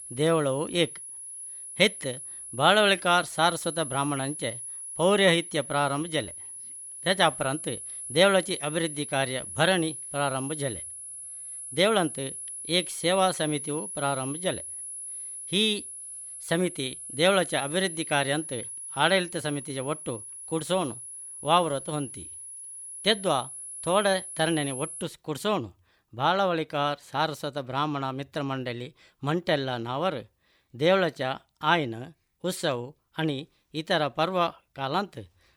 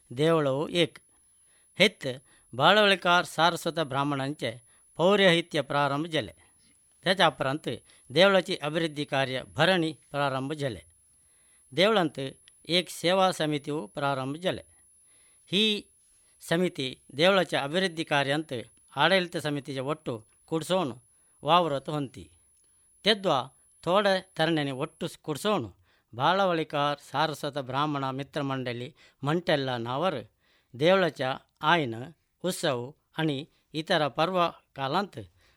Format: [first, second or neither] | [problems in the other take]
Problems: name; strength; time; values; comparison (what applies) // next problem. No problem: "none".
second | high-pitched whine; loud; until 25 s; 10.5 kHz, 9 dB below the speech; faint in the second